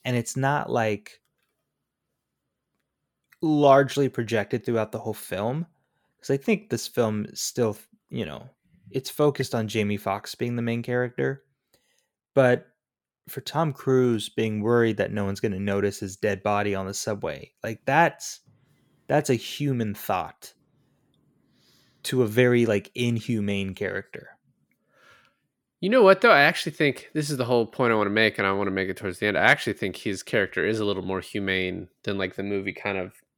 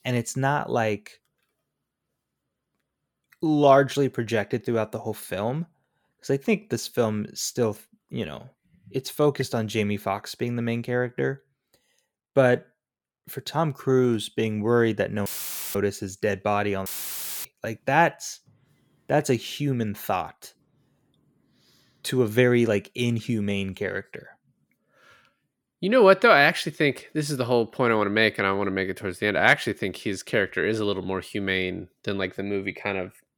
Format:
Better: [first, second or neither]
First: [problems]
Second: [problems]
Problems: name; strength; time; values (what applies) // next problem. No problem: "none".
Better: first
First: none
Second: audio cutting out; filled with static; at 15 s and at 17 s for 0.5 s